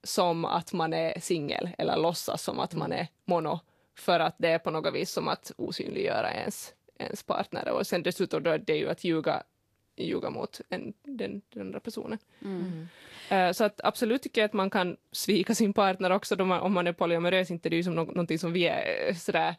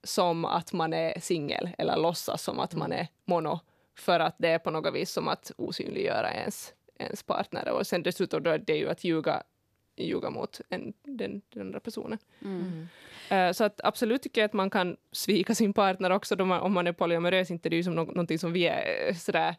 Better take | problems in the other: second | garbled, watery; slightly; nothing above 13 kHz

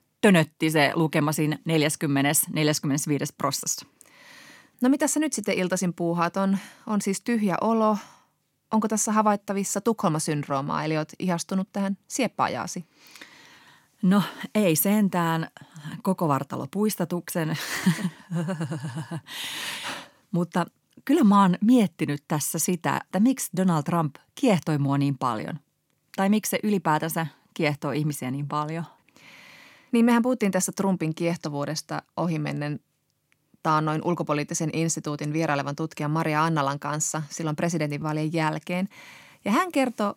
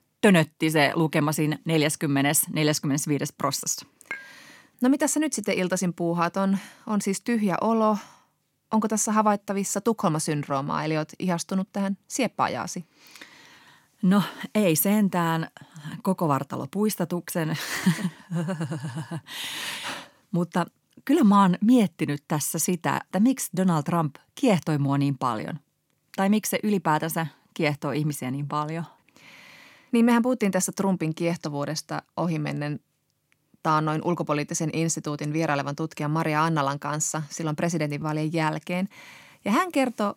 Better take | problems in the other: first | clattering dishes; faint; at 4 s; peak 10 dB below the speech

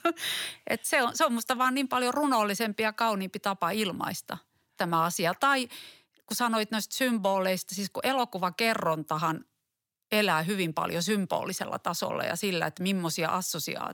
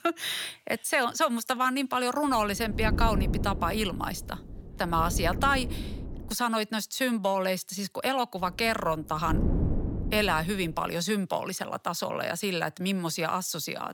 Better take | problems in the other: first | wind noise on the microphone; occasional gusts; from 2.5 to 6.5 s and from 8.5 to 11 s; 15 dB below the speech

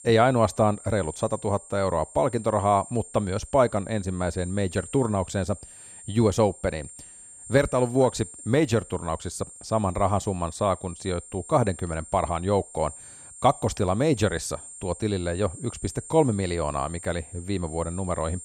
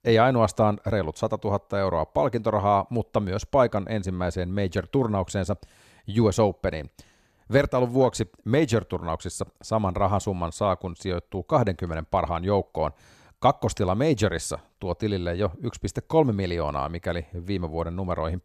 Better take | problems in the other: second | high-pitched whine; noticeable; throughout; 8.5 kHz, 15 dB below the speech

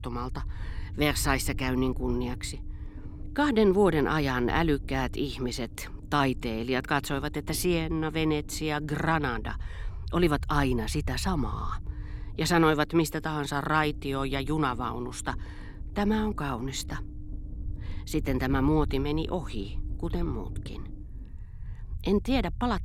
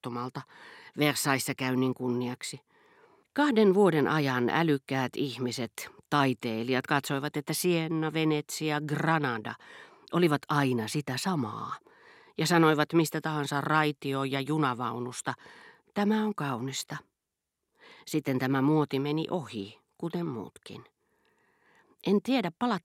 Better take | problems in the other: second | low rumble; faint; throughout; 25 dB below the speech

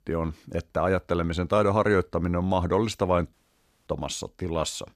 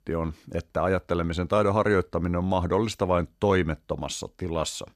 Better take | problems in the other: second | audio cutting out; at 3.5 s for 0.5 s

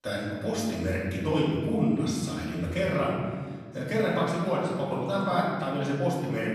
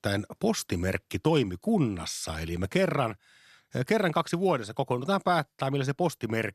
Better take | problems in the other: second | off-mic speech; far // room echo; noticeable; dies away in 1.7 s

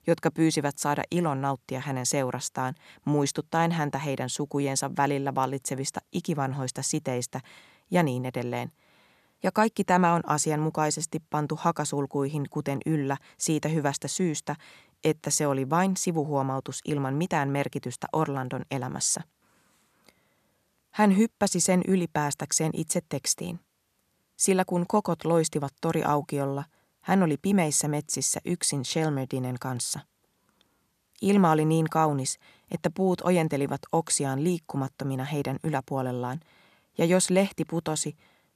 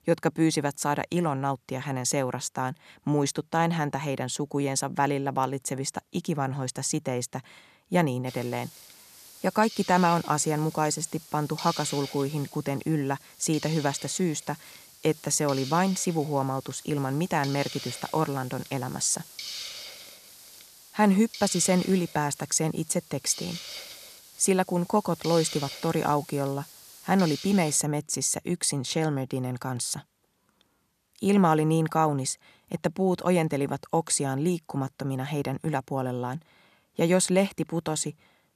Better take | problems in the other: first | hiss; noticeable; from 8.5 to 28 s; 15 dB below the speech

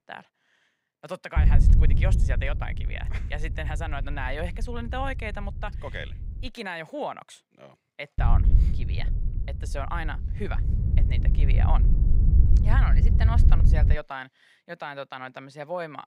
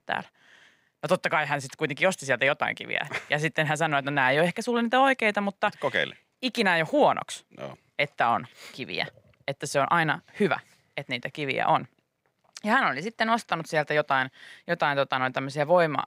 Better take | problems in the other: second | wind noise on the microphone; heavy; from 1.5 to 6.5 s and from 8 to 14 s; 7 dB below the speech

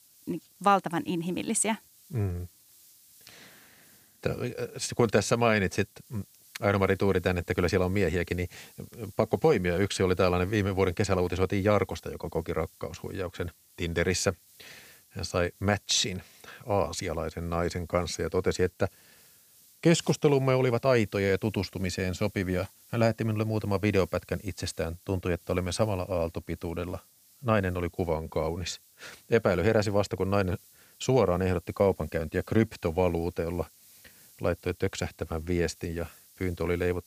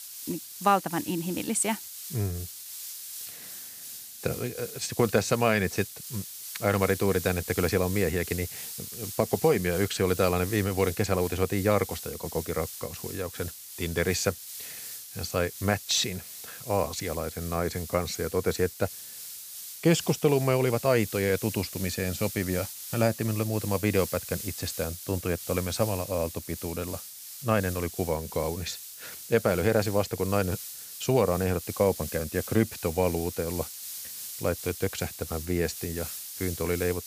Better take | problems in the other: first | hiss; loud; throughout; 9 dB below the speech; faint in the first

